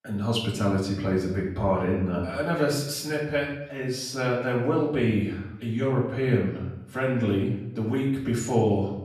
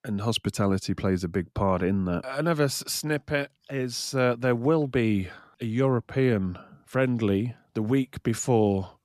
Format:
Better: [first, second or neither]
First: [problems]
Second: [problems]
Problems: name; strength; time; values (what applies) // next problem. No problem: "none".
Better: second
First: off-mic speech; far // room echo; noticeable; dies away in 0.7 s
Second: none